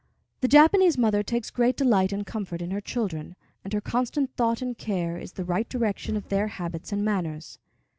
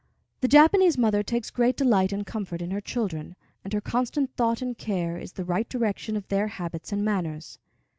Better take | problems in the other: second | background sound (Run); 16 dB below the speech

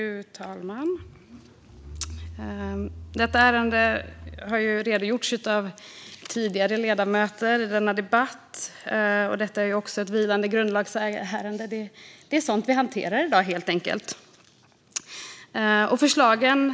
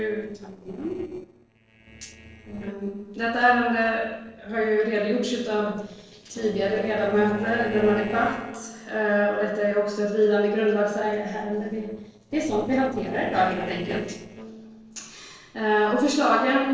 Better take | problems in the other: first | noise reduction (neural separator model SepFormer DNS4)

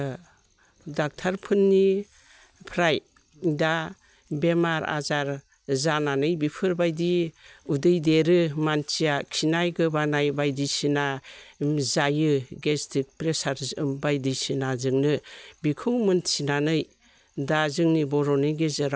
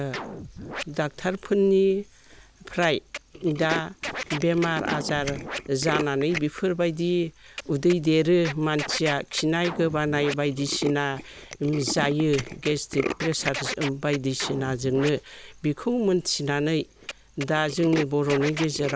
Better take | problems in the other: first | background sound (Scratching (performance technique) + Tools); 10 dB below the speech

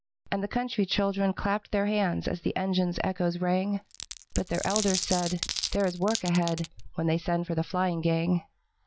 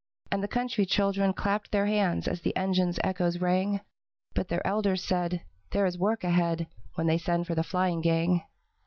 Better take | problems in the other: second | background sound (Glass); 7 dB below the speech

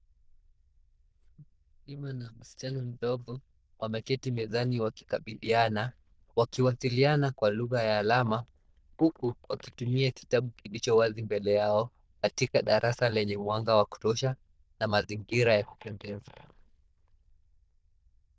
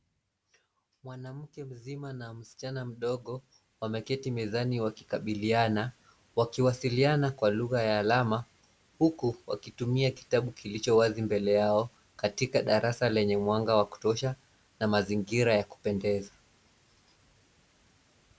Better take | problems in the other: second | noise reduction (neural diffusion model UNIVERSE++)

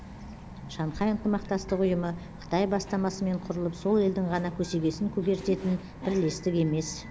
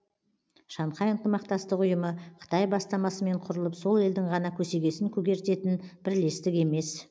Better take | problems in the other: second | background sound (Bird vocalization, bird call, bird song); 14 dB below the speech

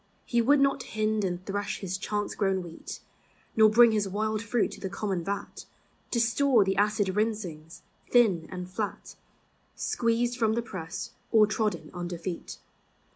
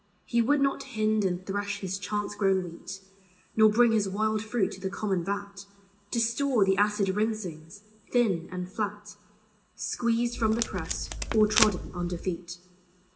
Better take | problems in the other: first | background sound (Packing tape, duct tape); 4 dB below the speech // room echo; dies away in 2 s

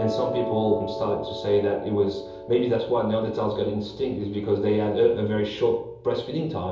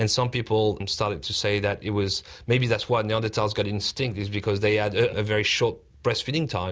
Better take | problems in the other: second | background sound (Piano); 11 dB below the speech // room echo; dies away in 2.8 s

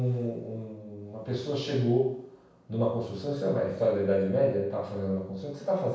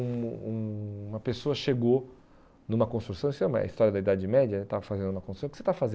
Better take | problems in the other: second | room echo; dies away in 0.7 s

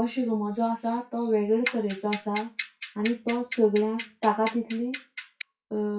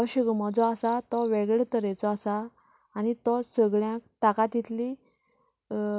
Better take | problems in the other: second | noise reduction (classical method WPE with log-MMSE)

